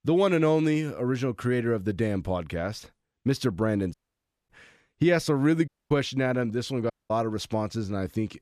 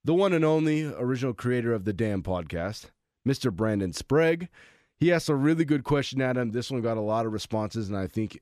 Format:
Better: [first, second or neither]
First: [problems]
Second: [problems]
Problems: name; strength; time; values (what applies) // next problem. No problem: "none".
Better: second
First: audio cutting out; at 4 s for 0.5 s, at 5.5 s and at 7 s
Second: none